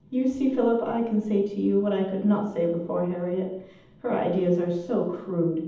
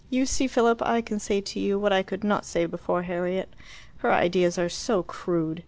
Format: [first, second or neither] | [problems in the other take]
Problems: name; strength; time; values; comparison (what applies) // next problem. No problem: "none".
second | room echo; dies away in 0.8 s